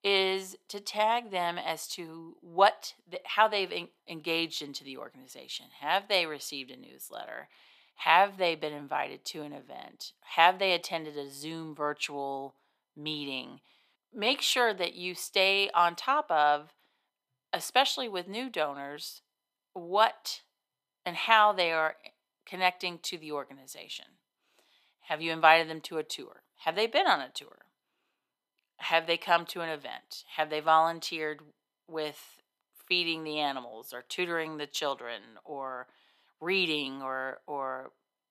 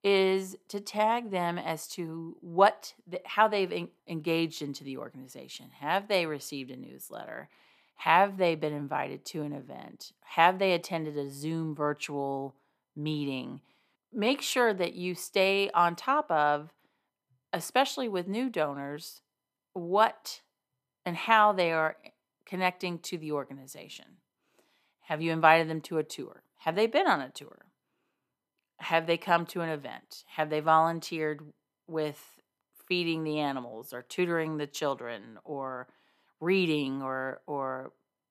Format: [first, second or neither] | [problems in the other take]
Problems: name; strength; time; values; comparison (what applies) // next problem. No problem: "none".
second | thin; somewhat; fading below 1 kHz